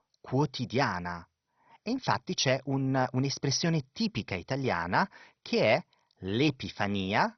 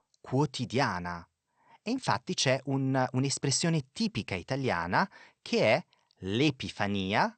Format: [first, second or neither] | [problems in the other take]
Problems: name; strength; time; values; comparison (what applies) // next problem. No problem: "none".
second | garbled, watery; badly; nothing above 6 kHz; slightly in the second